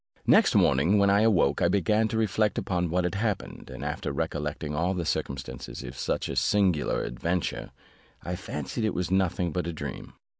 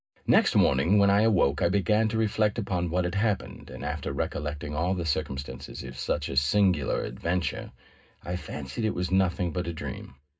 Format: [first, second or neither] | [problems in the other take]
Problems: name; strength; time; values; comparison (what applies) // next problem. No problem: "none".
first | room echo; dies away in 0.2 s